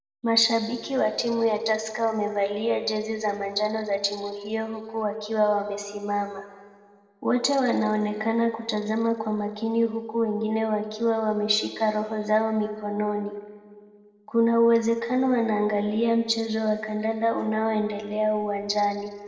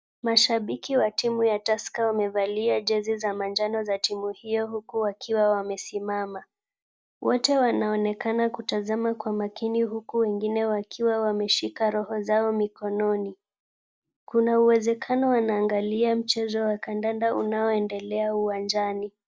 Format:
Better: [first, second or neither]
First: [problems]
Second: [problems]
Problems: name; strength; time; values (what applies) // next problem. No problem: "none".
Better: second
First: room echo; dies away in 1.4 s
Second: none